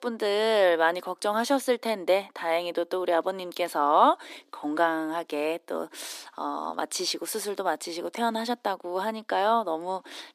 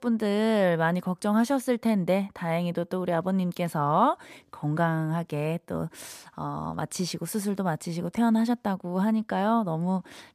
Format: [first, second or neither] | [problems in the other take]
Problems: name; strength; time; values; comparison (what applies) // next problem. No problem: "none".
second | thin; somewhat; fading below 300 Hz